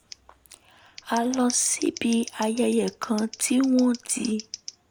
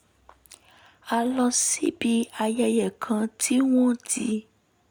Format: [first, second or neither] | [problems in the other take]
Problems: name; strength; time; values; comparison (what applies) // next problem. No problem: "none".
second | background sound (Scissors); 17 dB below the speech